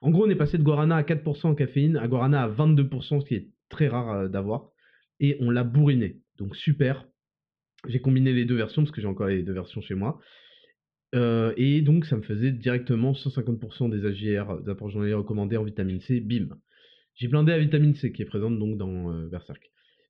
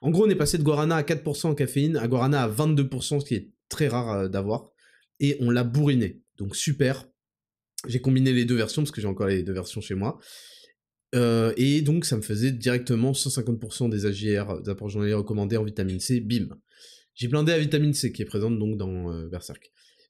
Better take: second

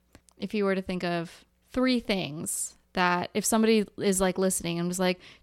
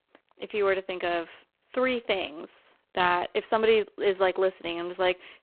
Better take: first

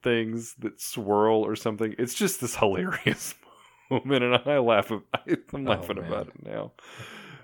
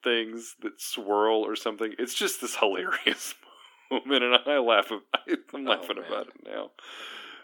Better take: first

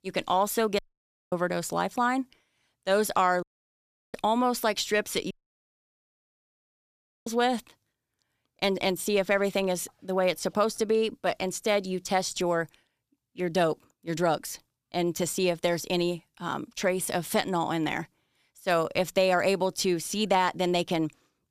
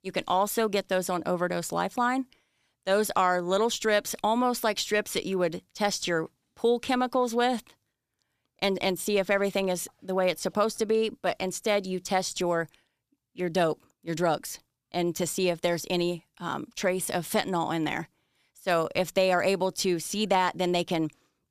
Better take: second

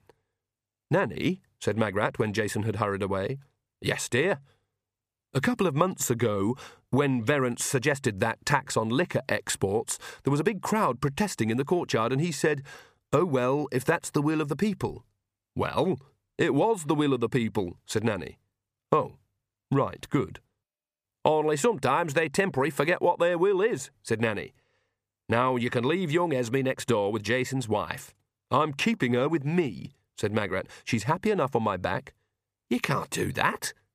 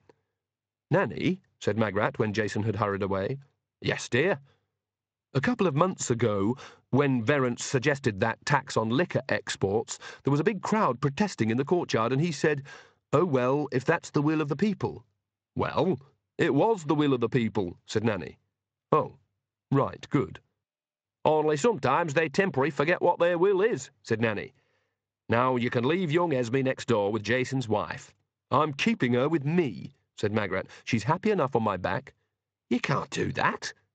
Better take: first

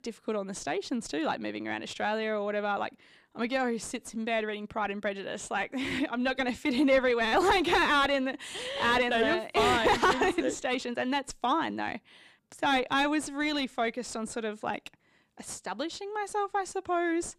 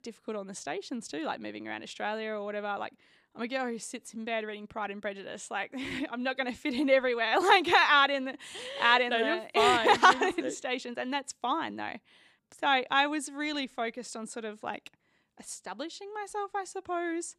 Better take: second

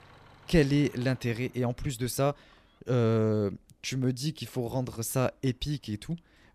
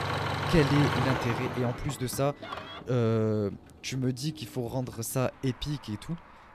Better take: first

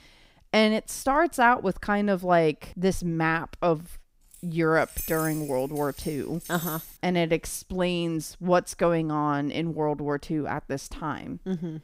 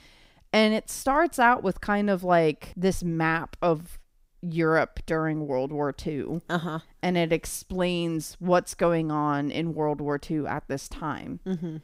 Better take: second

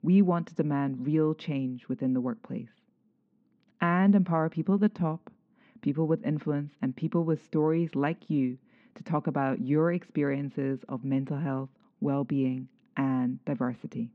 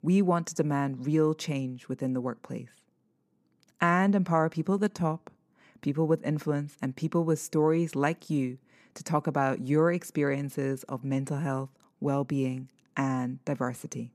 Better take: second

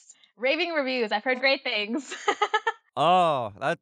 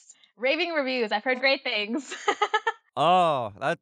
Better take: neither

